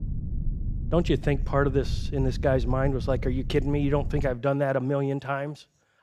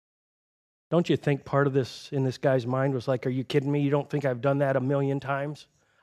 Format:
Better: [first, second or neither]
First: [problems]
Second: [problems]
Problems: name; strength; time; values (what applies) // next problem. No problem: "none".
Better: second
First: low rumble; noticeable; until 4.5 s; 20 dB below the speech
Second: none